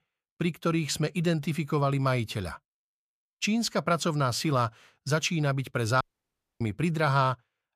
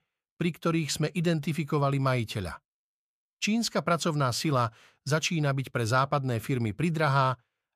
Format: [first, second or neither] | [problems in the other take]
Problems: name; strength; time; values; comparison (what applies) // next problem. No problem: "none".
second | audio cutting out; at 6 s for 0.5 s